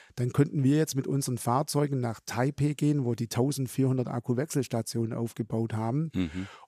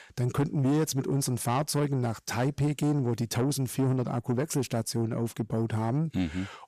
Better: first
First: none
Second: distortion; slight; 10 dB below the speech

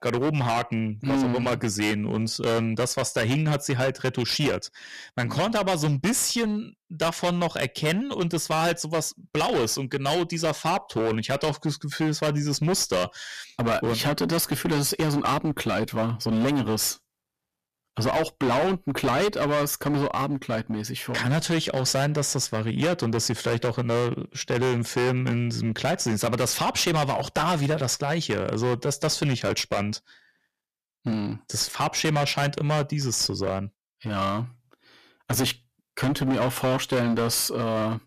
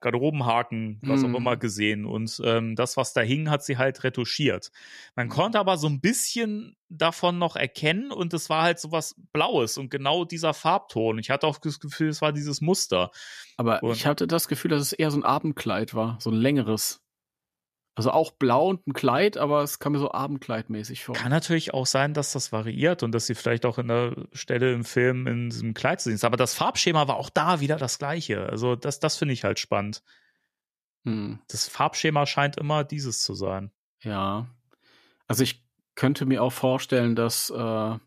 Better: second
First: distortion; heavy; 17% of the sound clipped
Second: none

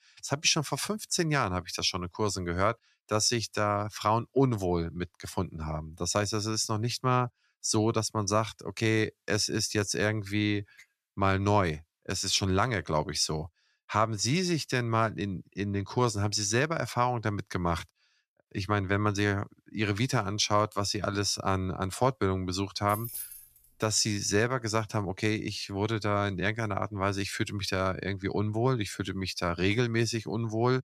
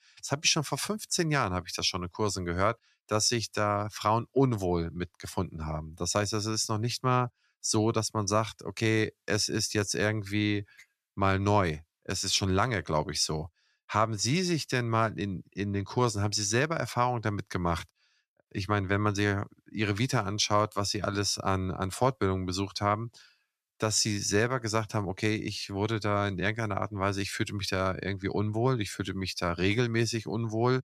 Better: second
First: jangling keys; noticeable; at 23 s; peak 8 dB below the speech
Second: none

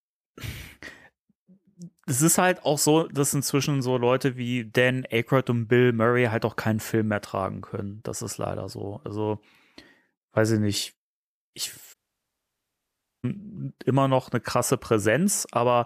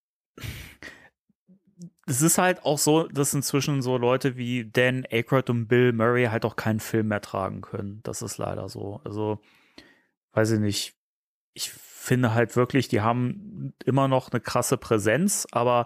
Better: second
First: audio cutting out; at 12 s for 1.5 s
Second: none

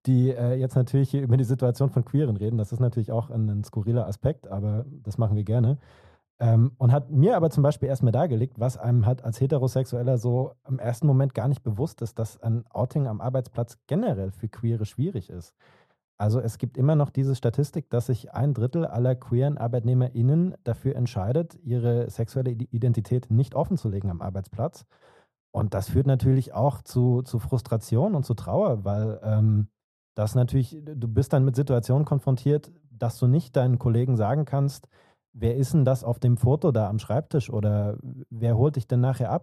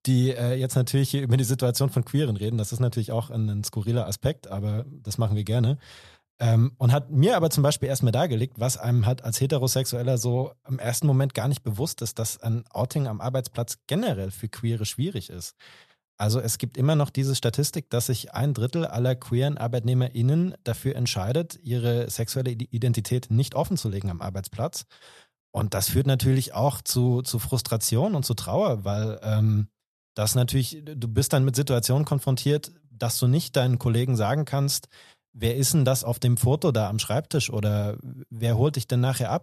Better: second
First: muffled; very; fading above 1.5 kHz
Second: none

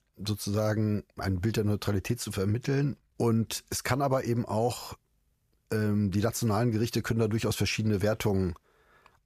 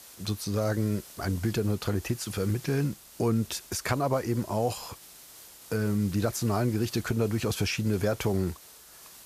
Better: first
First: none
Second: hiss; noticeable; throughout; 20 dB below the speech

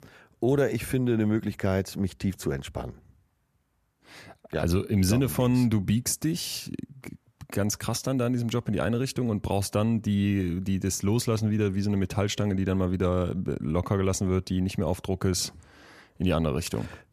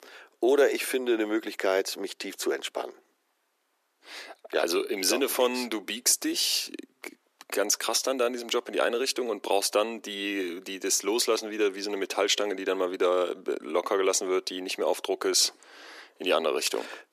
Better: first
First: none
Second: thin; very; fading below 350 Hz

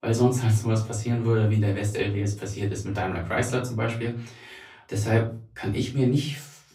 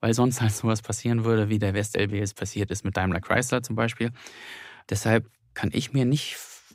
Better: second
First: room echo; slight; dies away in 0.3 s // off-mic speech; far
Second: none

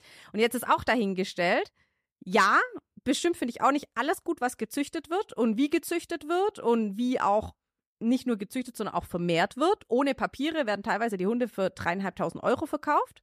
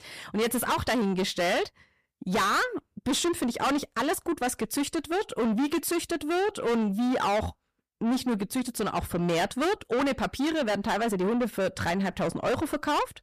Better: first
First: none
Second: distortion; heavy; 6 dB below the speech

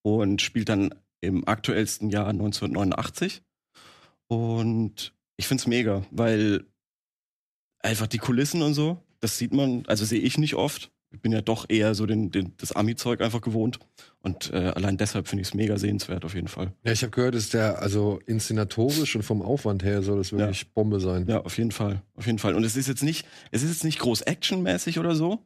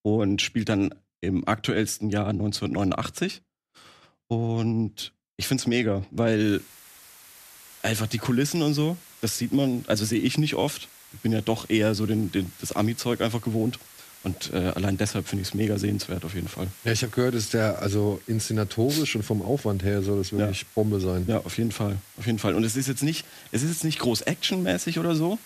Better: first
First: none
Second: hiss; faint; from 6.5 s on; 20 dB below the speech

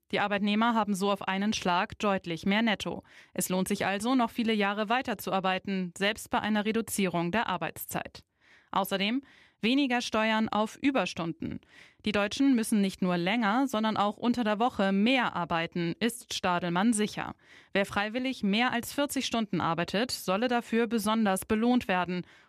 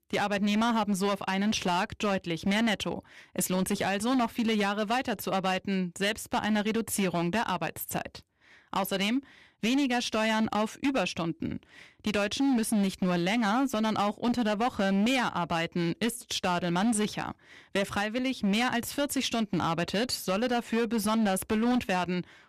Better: first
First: none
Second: distortion; slight; 13% of the sound clipped

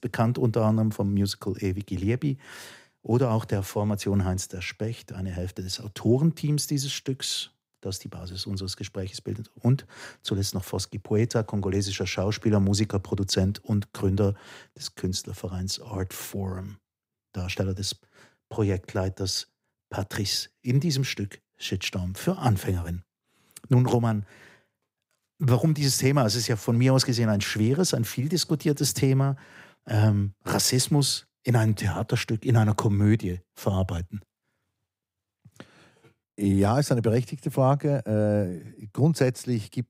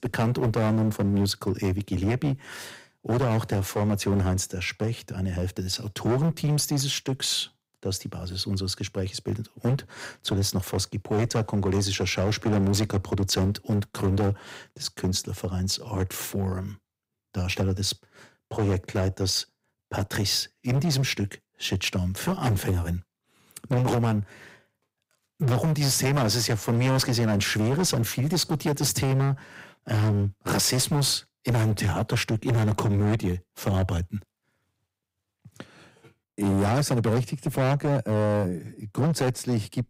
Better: first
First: none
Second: distortion; heavy; 15% of the sound clipped

